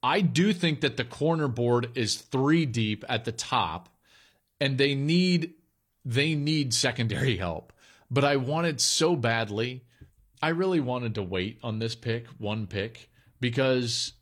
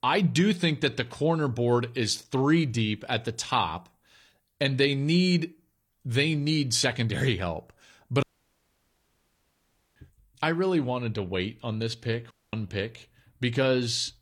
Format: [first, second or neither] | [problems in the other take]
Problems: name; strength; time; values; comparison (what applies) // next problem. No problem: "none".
first | audio cutting out; at 8 s for 1.5 s and at 12 s